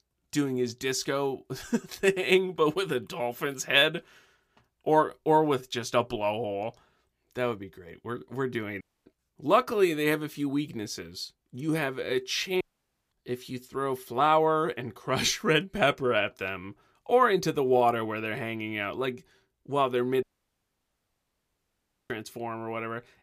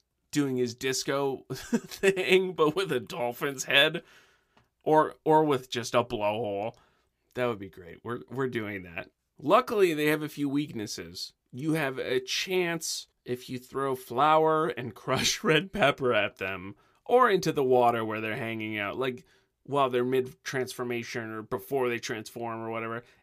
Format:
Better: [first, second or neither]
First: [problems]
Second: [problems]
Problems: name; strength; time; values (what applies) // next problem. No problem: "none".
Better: second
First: audio cutting out; at 9 s, at 13 s for 0.5 s and at 20 s for 2 s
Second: none